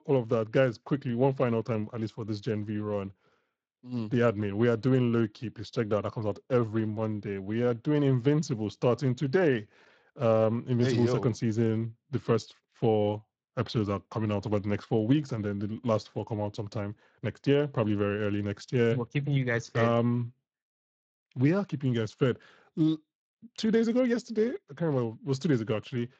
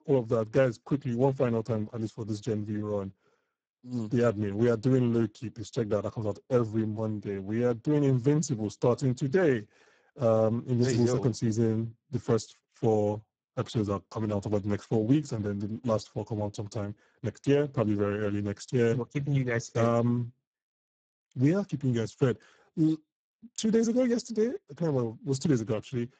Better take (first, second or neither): first